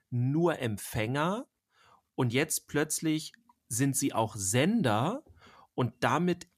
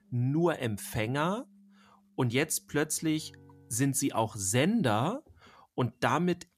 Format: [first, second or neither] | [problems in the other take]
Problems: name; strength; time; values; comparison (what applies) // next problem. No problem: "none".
first | background music; faint; until 4 s; 30 dB below the speech